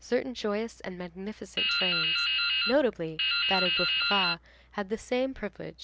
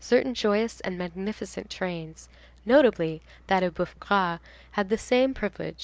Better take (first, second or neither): second